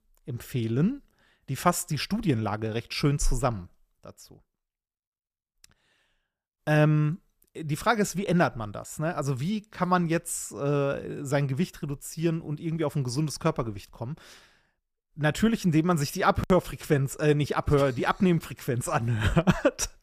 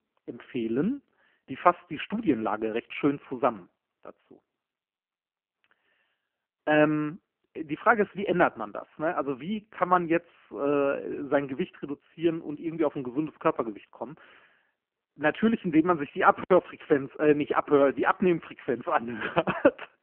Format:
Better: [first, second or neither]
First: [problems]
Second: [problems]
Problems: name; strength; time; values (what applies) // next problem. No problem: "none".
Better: first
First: none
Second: phone-call audio; poor line